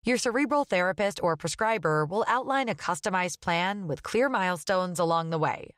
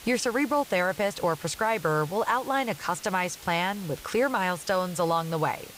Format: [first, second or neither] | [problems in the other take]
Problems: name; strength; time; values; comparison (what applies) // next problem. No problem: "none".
first | hiss; noticeable; throughout; 15 dB below the speech